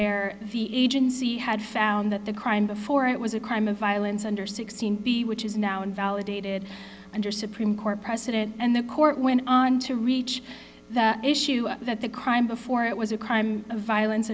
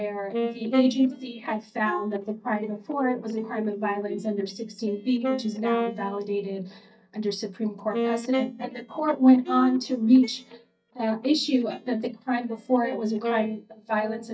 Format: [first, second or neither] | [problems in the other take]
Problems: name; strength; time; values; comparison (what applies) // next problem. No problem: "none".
first | noise reduction (neural mask model DeepFilterNet 3)